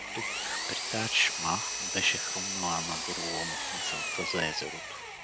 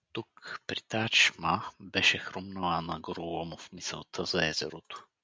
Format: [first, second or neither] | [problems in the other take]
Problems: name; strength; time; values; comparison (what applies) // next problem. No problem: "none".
second | background sound (Power tool); as loud as the speech